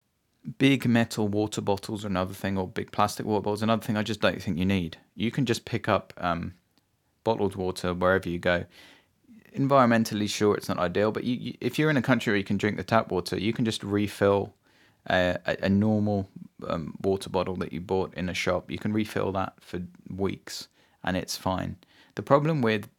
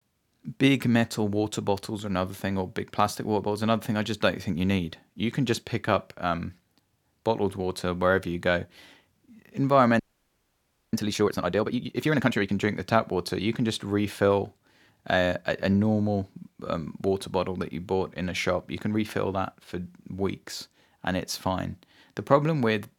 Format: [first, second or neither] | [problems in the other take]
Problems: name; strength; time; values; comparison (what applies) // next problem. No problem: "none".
first | audio freezing; at 10 s for 1 s